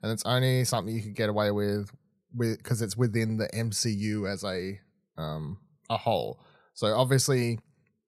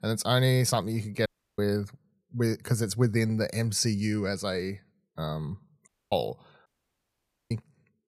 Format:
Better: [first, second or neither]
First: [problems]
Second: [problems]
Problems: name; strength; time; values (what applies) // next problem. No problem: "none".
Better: first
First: none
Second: audio cutting out; at 1.5 s, at 6 s and at 6.5 s for 1 s